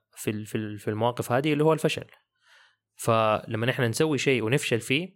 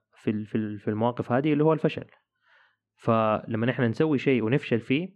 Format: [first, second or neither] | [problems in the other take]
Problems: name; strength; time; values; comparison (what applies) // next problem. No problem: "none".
first | muffled; very; fading above 2 kHz